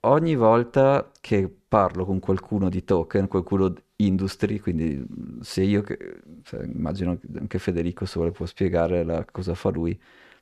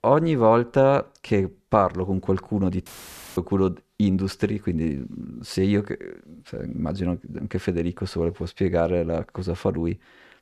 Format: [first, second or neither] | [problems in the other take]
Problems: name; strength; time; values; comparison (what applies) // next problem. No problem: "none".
first | audio cutting out; filled with static; at 3 s for 0.5 s